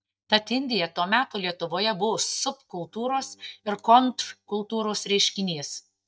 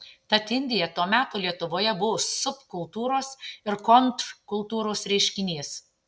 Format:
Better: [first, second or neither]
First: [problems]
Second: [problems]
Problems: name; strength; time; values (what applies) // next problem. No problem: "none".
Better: second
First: noise reduction (neural mask model DeepFilterNet 3)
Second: none